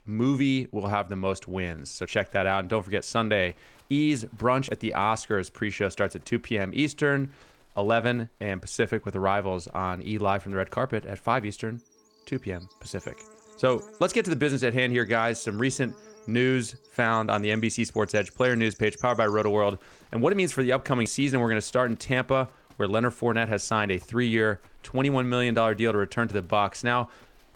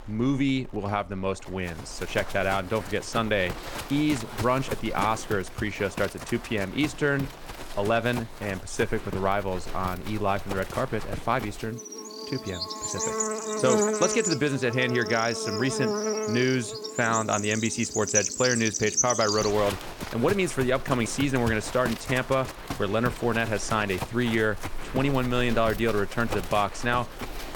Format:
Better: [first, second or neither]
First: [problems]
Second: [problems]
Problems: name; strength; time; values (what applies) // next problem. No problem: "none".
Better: first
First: animal sounds; faint; throughout; 30 dB below the speech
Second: animal sounds; loud; throughout; 6 dB below the speech